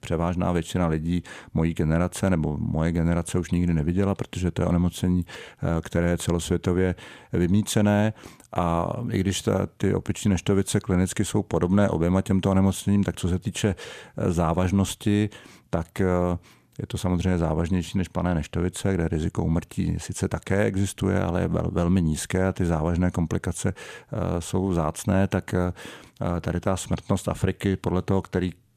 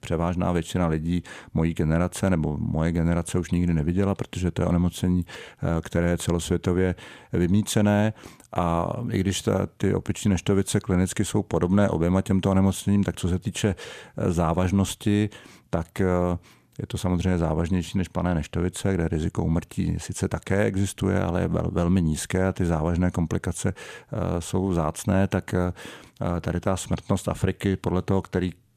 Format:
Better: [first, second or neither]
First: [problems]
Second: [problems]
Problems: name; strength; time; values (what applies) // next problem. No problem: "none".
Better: neither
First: none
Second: none